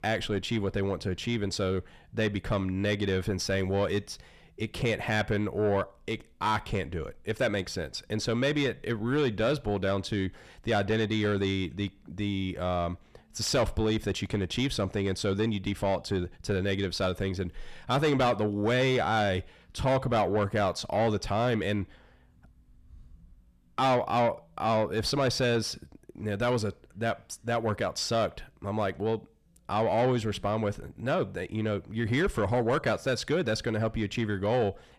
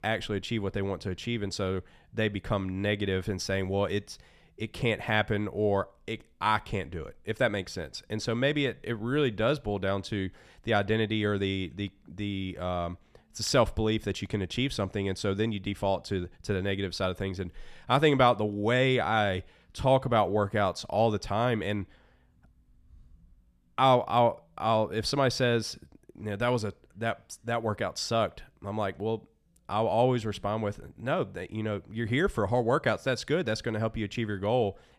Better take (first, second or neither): second